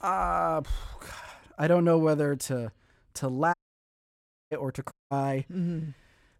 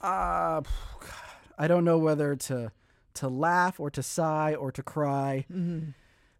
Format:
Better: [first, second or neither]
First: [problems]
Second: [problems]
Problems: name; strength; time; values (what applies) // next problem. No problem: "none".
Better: second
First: audio cutting out; at 3.5 s for 1 s and at 5 s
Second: none